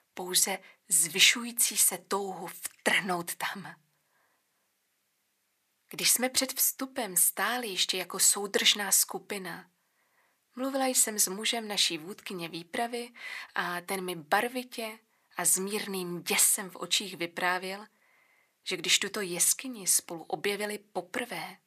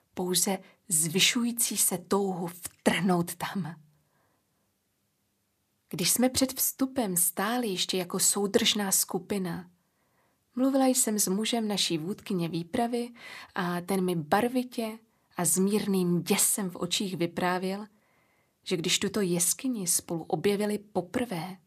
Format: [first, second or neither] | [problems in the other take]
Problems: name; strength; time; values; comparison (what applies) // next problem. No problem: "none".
second | thin; somewhat; fading below 800 Hz